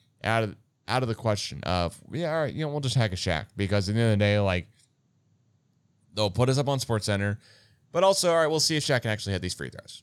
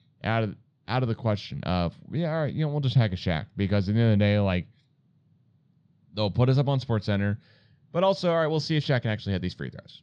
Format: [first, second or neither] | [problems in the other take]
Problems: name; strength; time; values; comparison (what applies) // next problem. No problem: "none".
first | muffled; very slightly; fading above 4 kHz